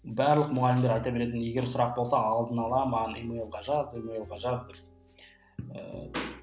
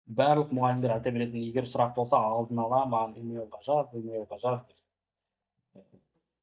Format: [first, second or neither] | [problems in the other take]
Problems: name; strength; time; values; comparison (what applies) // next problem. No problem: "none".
first | noise reduction (neural mask model DeepFilterNet 3)